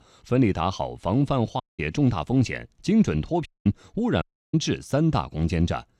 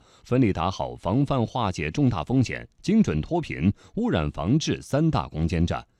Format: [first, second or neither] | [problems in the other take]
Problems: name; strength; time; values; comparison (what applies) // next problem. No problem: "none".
second | audio cutting out; at 1.5 s, at 3.5 s and at 4 s